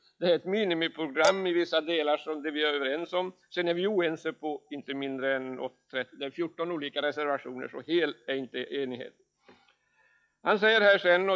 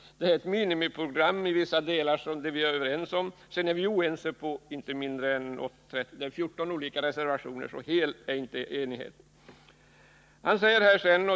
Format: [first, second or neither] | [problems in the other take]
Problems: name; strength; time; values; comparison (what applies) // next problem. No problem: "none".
second | noise reduction (classical method log-MMSE)